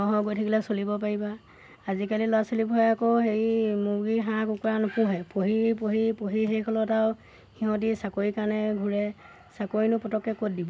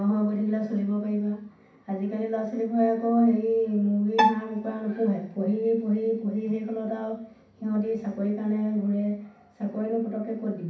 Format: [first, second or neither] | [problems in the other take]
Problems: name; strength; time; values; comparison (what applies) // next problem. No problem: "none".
first | background sound (Bowed string instrument); 3 dB below the speech // room echo; dies away in 0.6 s